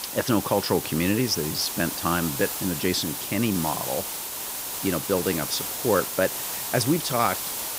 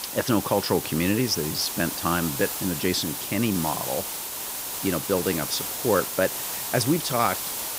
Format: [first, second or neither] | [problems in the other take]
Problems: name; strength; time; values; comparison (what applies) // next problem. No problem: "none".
neither | hiss; loud; throughout; 3 dB below the speech; the same in both